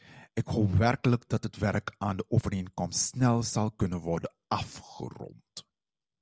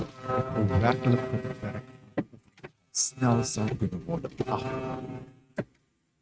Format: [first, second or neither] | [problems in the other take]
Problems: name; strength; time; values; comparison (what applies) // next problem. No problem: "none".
first | noise reduction (neural mask model RNNoise)